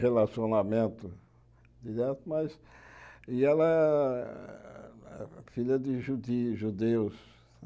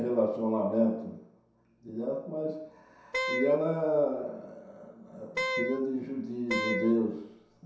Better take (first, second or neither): first